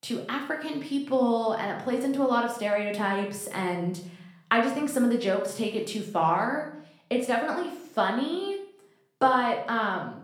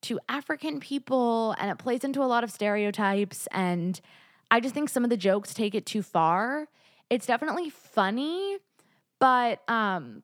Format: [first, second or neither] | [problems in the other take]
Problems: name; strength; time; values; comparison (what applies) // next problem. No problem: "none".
second | room echo; slight; dies away in 0.6 s // off-mic speech; somewhat distant